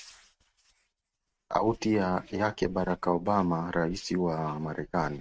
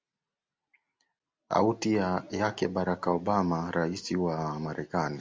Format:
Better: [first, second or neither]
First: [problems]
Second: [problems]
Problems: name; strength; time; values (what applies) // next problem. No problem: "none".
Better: second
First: noise reduction (neural mask model RNNoise)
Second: none